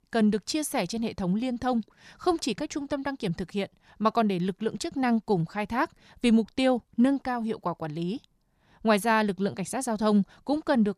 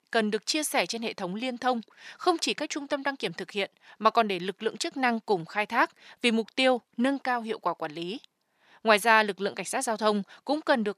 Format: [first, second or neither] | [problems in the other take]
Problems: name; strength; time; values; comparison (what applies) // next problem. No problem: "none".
first | thin; somewhat; fading below 350 Hz